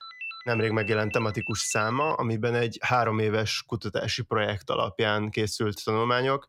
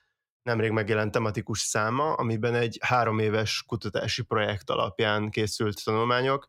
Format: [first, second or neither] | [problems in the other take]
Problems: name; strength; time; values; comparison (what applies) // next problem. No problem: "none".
second | phone ringing; noticeable; until 2 s; peak 7 dB below the speech